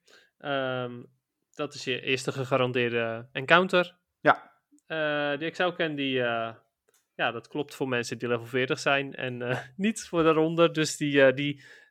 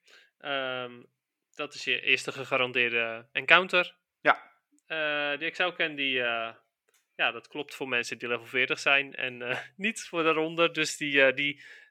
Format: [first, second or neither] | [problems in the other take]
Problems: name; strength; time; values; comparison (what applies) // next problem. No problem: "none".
first | thin; very slightly; fading below 750 Hz